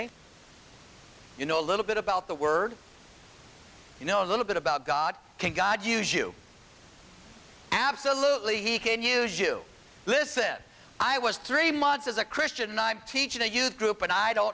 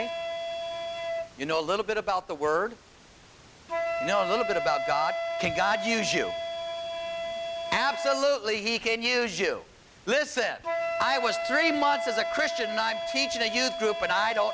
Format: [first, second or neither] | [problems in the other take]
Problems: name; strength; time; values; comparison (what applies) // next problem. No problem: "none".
first | background sound (Wind instrument, woodwind instrument); 4 dB below the speech